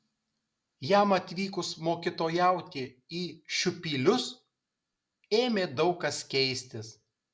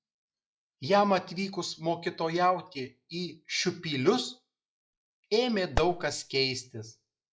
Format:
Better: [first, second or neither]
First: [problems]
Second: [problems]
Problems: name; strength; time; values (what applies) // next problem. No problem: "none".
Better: first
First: none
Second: noise reduction (classical method log-MMSE)